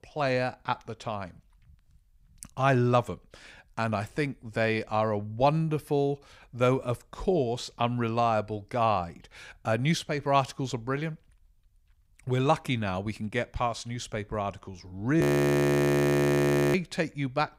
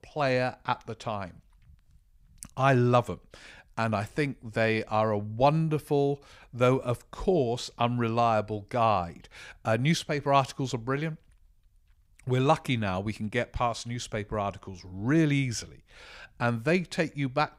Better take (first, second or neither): second